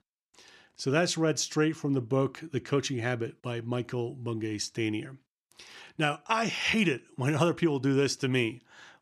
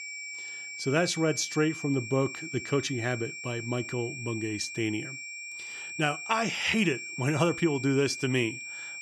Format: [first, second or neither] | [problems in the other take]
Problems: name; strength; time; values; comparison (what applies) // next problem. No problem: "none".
first | high-pitched whine; loud; throughout; 2.5 kHz, 8 dB below the speech